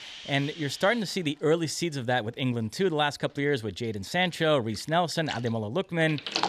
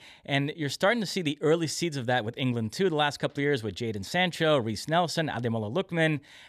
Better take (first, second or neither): second